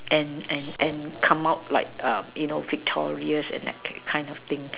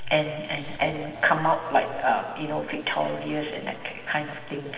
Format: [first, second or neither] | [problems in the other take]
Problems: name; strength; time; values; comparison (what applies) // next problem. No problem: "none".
first | room echo; dies away in 2.1 s